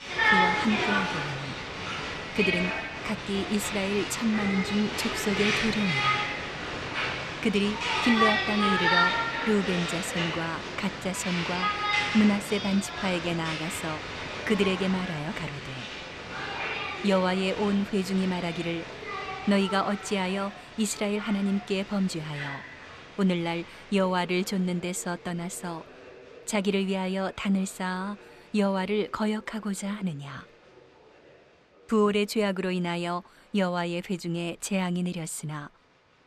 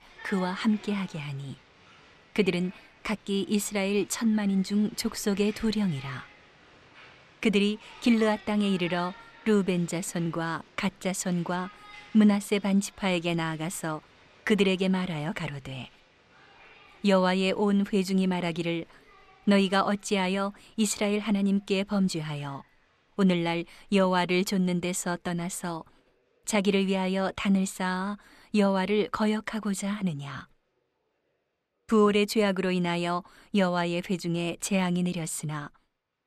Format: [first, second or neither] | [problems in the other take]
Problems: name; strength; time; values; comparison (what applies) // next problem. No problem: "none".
second | crowd noise; loud; throughout; 1 dB below the speech; faint in the second